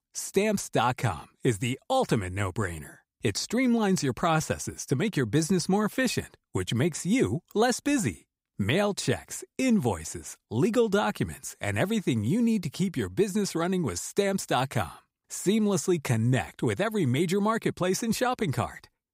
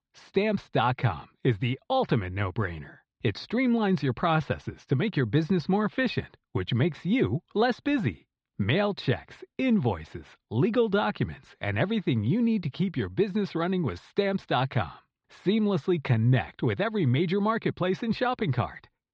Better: first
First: none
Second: muffled; slightly; fading above 4 kHz

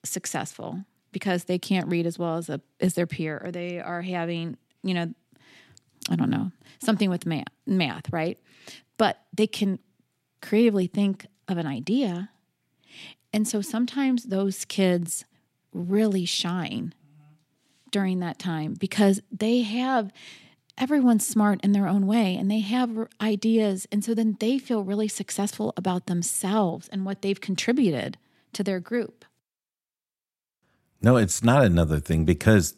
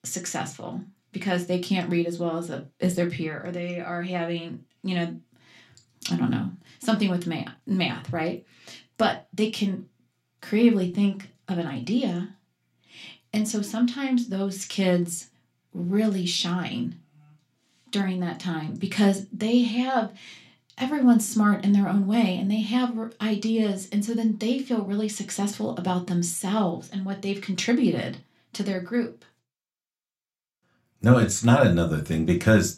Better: first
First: none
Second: room echo; very slight; dies away in 0.2 s // off-mic speech; somewhat distant

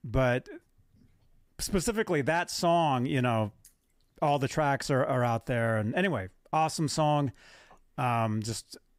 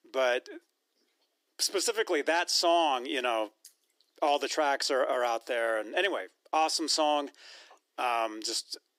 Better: first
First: none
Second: thin; very; fading below 300 Hz

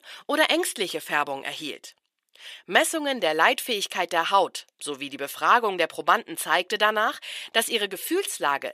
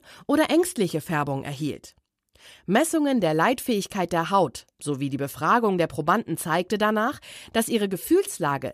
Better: second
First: thin; somewhat; fading below 500 Hz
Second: none

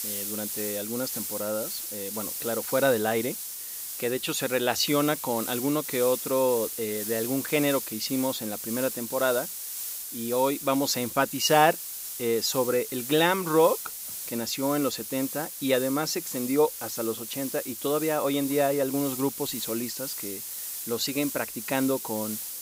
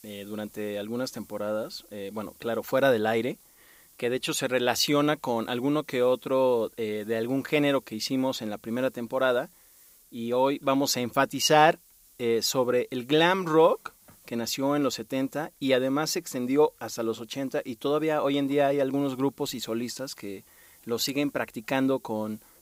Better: second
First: hiss; loud; throughout; 6 dB below the speech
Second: hiss; faint; throughout; 30 dB below the speech

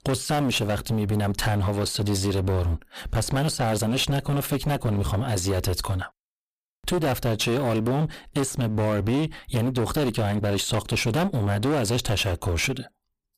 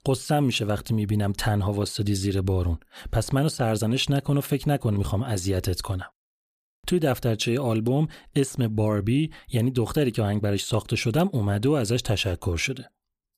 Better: second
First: distortion; heavy; 23% of the sound clipped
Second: none

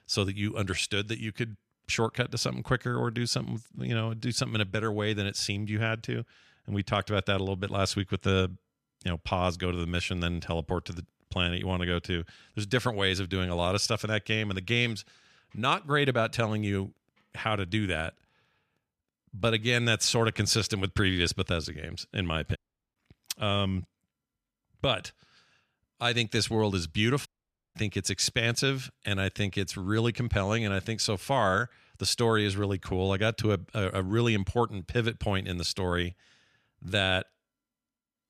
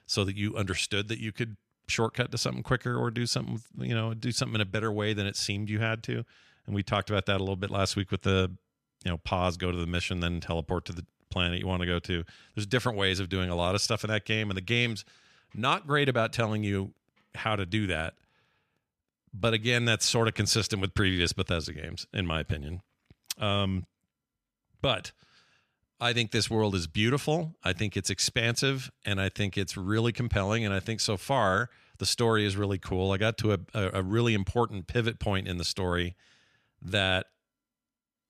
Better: second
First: audio cutting out; at 23 s and at 27 s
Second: none

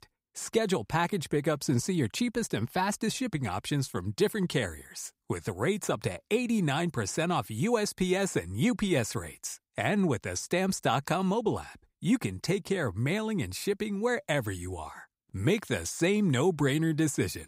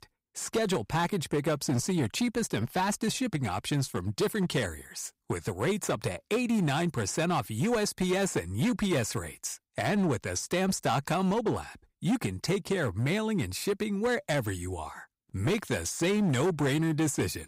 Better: first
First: none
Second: distortion; slight; 9% of the sound clipped

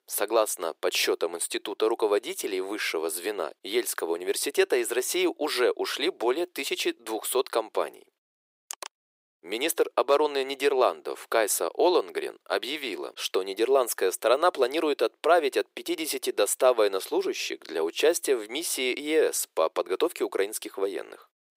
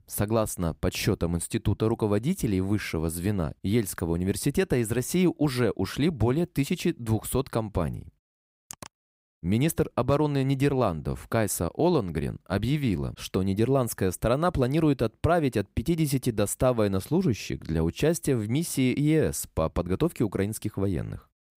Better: second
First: thin; very; fading below 400 Hz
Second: none

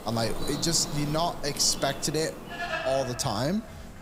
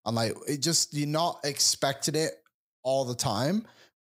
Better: second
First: animal sounds; loud; throughout; 9 dB below the speech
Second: none

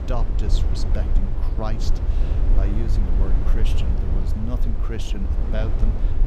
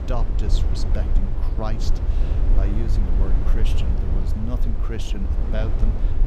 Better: neither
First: low rumble; loud; throughout; 2 dB below the speech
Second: low rumble; loud; throughout; 2 dB below the speech

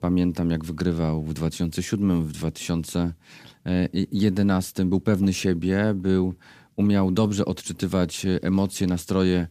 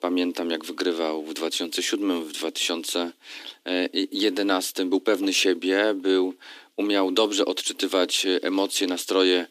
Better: first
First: none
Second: thin; somewhat; fading below 300 Hz

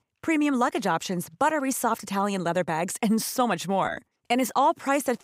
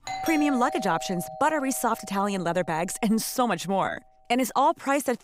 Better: first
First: none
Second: doorbell; noticeable; until 3 s; peak 5 dB below the speech

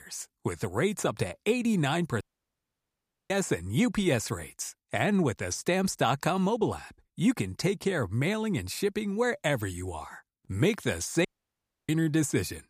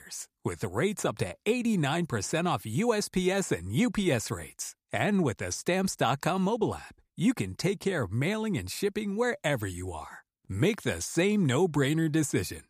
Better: second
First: audio cutting out; at 2 s for 1 s and at 11 s for 0.5 s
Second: none

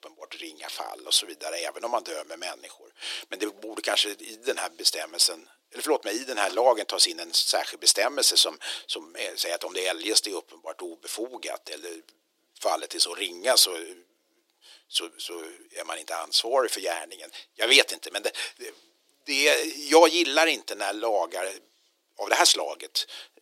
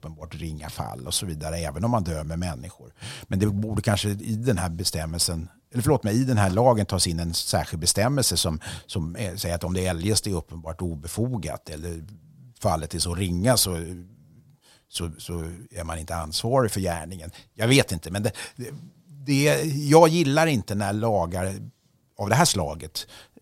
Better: second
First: thin; very; fading below 300 Hz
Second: none

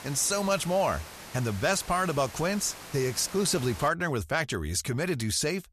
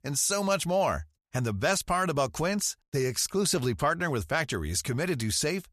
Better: second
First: hiss; noticeable; until 4 s; 15 dB below the speech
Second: none

